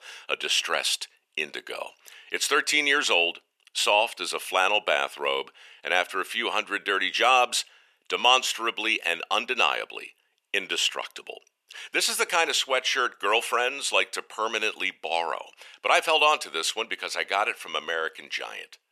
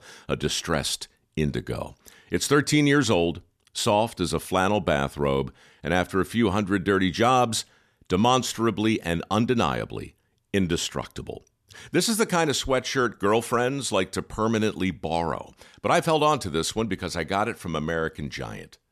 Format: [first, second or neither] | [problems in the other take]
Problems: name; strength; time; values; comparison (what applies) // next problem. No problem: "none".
second | thin; very; fading below 500 Hz